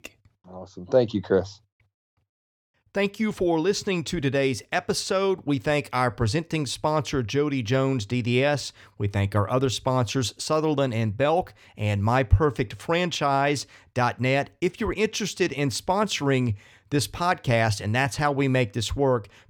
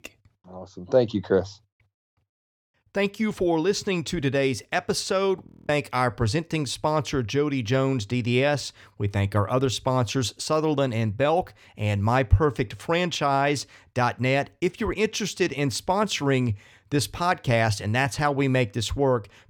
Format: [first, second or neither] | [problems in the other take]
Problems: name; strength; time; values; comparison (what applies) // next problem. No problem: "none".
first | audio freezing; at 5.5 s